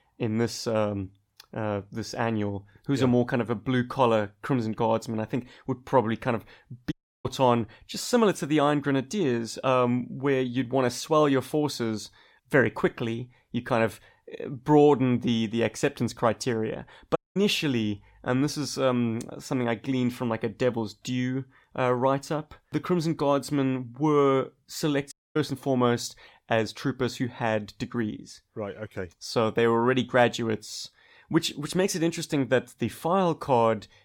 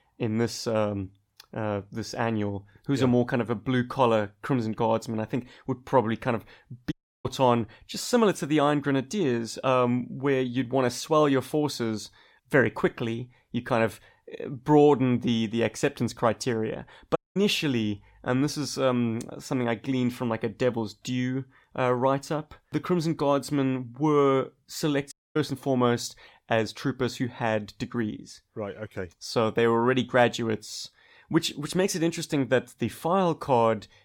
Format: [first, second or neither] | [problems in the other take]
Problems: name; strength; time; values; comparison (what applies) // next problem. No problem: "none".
neither | audio cutting out; at 7 s, at 17 s and at 25 s; the same in both